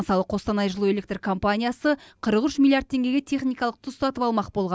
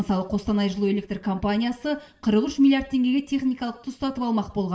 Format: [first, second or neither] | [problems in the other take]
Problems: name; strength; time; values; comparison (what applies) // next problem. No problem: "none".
first | room echo; dies away in 0.7 s